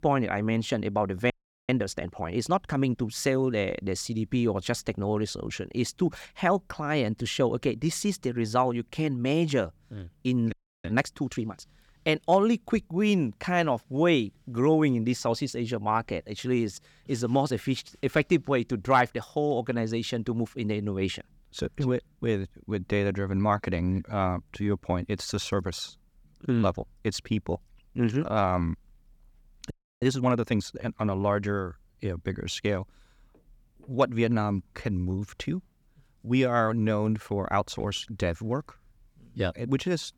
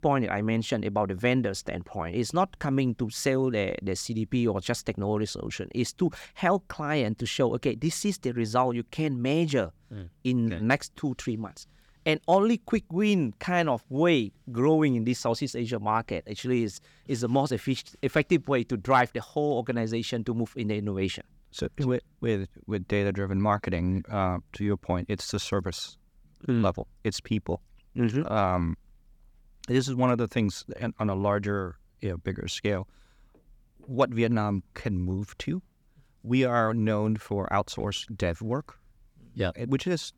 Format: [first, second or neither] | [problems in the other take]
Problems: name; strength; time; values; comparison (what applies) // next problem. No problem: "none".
second | audio freezing; at 1.5 s, at 11 s and at 30 s